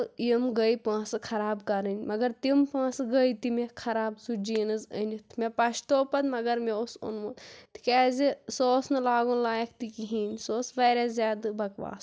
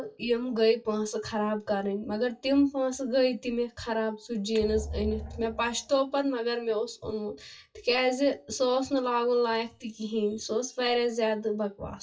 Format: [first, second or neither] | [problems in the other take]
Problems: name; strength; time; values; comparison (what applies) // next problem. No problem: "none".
first | noise reduction (classical method WPE with log-MMSE)